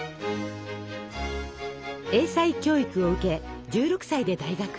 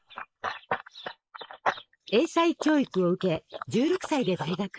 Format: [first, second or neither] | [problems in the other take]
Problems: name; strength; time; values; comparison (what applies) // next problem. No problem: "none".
first | noise reduction (neural mask model Resemble Enhance denoiser)